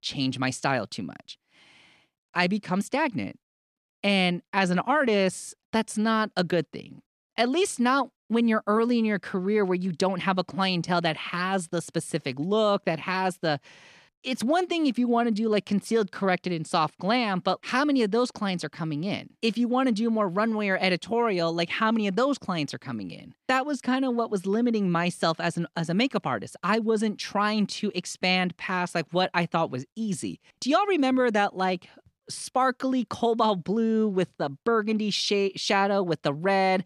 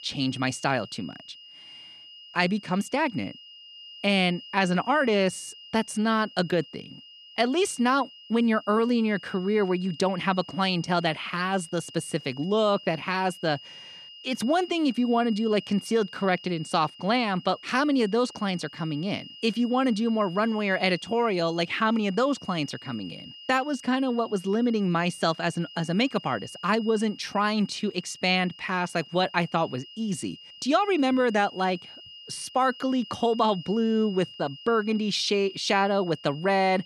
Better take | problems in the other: first | high-pitched whine; noticeable; throughout; 3 kHz, 20 dB below the speech

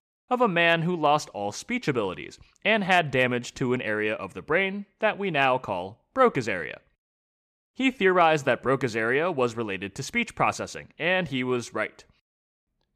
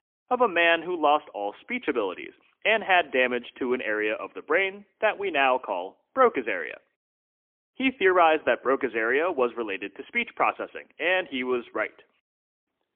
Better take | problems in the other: first | phone-call audio; poor line; nothing above 3 kHz

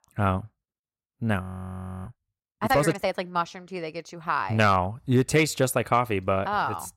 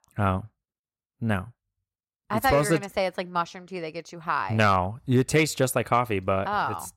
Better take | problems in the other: second | audio freezing; at 1.5 s for 0.5 s

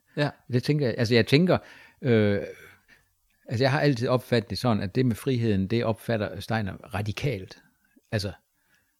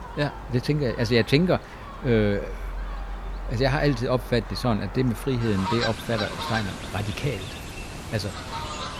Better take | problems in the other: first | animal sounds; loud; throughout; 9 dB below the speech

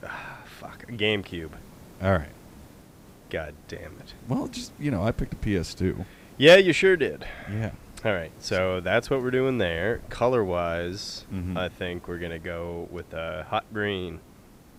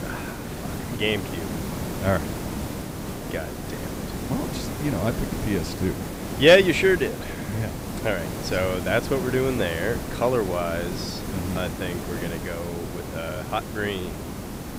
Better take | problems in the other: first | hiss; loud; throughout; 7 dB below the speech; faint in the first

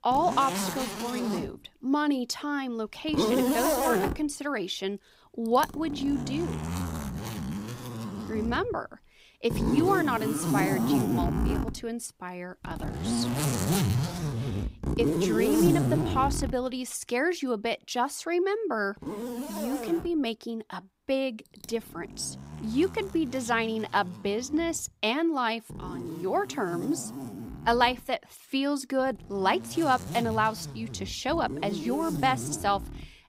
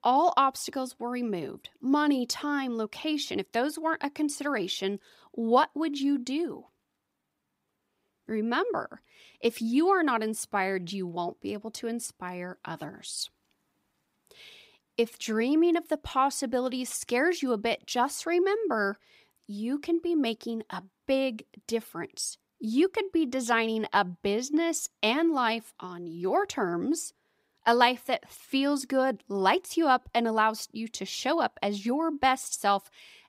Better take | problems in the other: second | household noises; loud; throughout; 2 dB below the speech

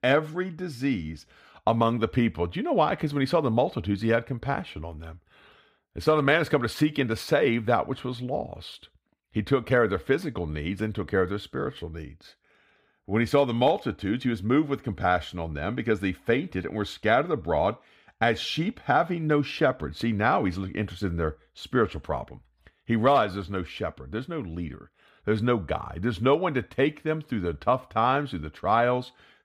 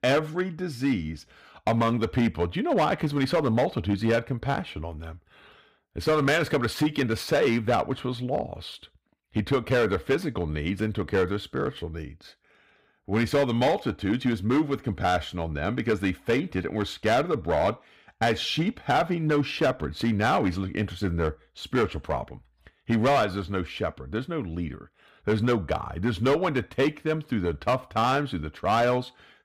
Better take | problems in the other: first | distortion; slight; 6% of the sound clipped

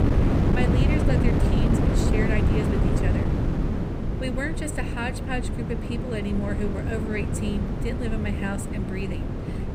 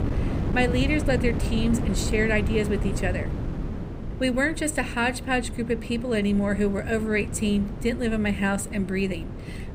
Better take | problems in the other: second | wind noise on the microphone; heavy; 1 dB above the speech; occasional gusts in the second

